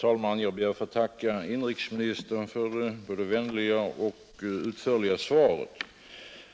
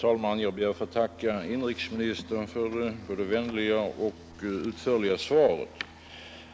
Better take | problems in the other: first | background sound (Fixed-wing aircraft, airplane); 19 dB below the speech

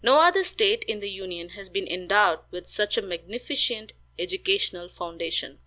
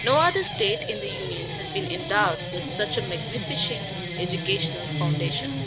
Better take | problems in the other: first | background sound (Guitar); 2 dB below the speech

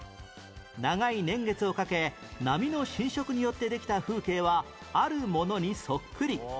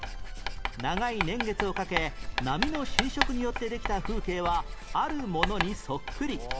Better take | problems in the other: first | background sound (Writing); as loud as the speech

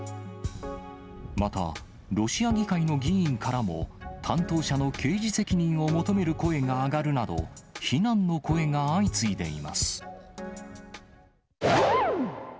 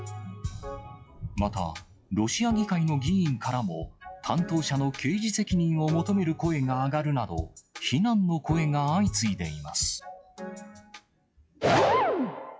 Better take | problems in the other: first | noise reduction (classical method log-MMSE)

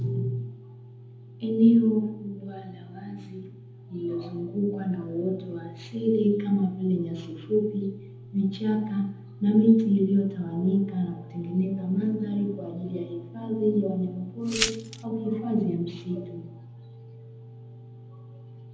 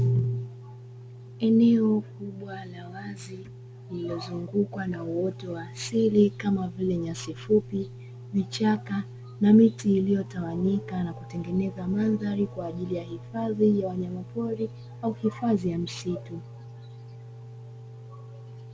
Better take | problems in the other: second | background sound (Glass); 5 dB below the speech // room echo; dies away in 0.8 s

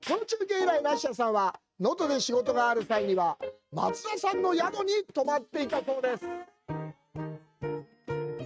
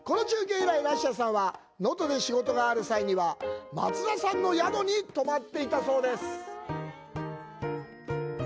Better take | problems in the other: second | noise reduction (neural mask model RNNoise)

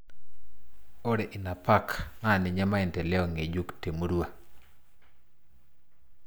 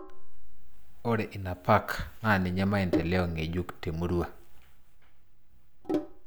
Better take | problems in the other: first | background sound (Sink (filling or washing)); 10 dB below the speech

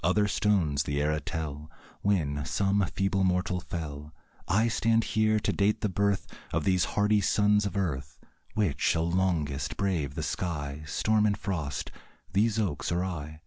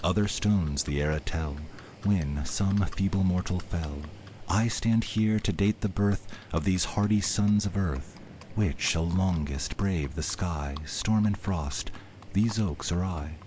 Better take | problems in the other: first | background sound (Livestock, farm animals, working animals); 19 dB below the speech

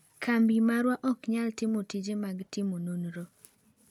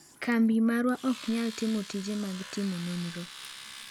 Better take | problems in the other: first | background sound (Domestic sounds, home sounds); 16 dB below the speech

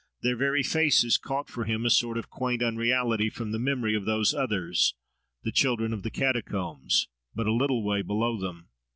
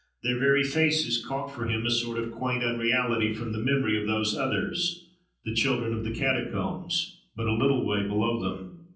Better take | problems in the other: first | room echo; dies away in 0.6 s

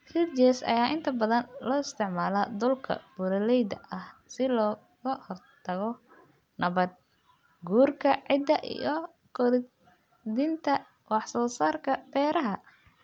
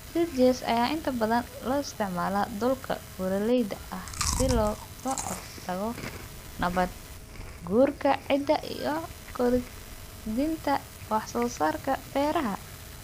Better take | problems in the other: first | background sound (Chewing, mastication); 10 dB below the speech

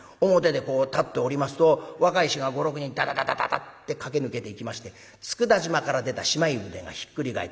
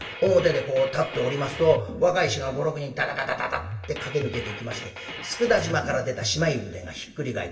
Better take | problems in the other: first | background sound (Drum kit); 11 dB below the speech // room echo; dies away in 0.3 s

